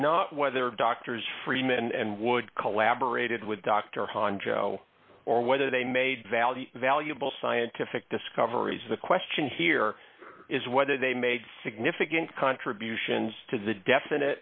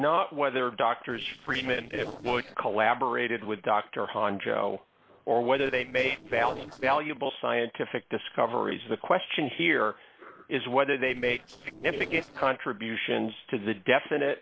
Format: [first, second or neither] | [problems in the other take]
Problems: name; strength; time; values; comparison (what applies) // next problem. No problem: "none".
first | noise reduction (neural separator model SepFormer DNS4)